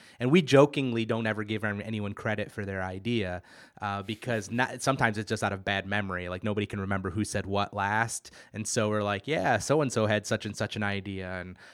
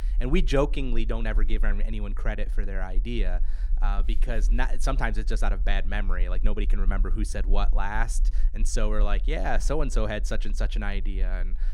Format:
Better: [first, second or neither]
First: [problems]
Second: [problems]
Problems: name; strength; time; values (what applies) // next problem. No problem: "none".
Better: first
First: none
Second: low rumble; faint; throughout; 25 dB below the speech